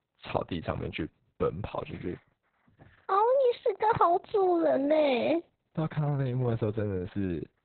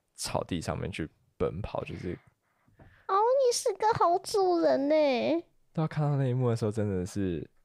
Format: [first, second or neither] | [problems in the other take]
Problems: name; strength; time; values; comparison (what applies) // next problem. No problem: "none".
second | garbled, watery; badly; nothing above 4 kHz